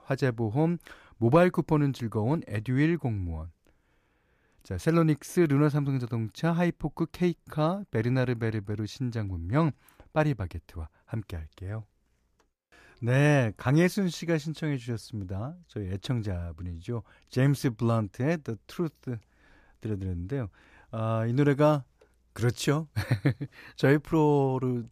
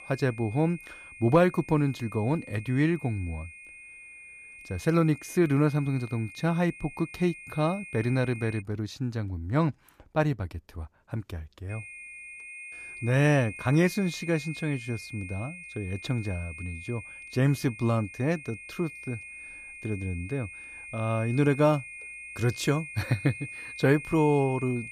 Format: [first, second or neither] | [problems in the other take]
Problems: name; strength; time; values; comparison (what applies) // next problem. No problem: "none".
first | high-pitched whine; noticeable; until 8.5 s and from 12 s on; 2.5 kHz, 15 dB below the speech